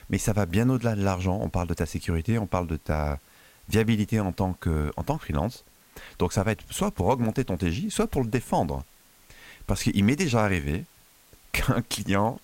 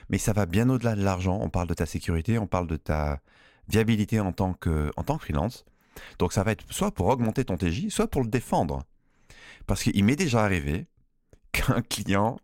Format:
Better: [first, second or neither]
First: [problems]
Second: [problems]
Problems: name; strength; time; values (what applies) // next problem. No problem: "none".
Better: second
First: hiss; faint; throughout; 30 dB below the speech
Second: none